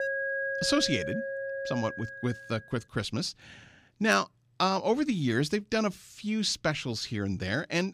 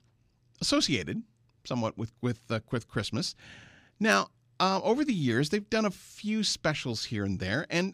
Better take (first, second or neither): second